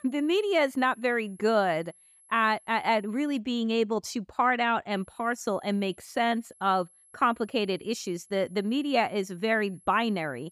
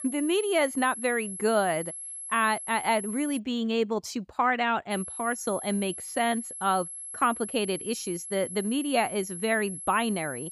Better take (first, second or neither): first